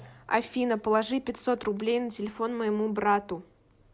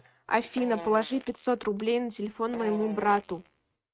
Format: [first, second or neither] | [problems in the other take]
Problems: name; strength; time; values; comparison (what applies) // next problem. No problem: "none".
first | noise reduction (neural mask model RNNoise)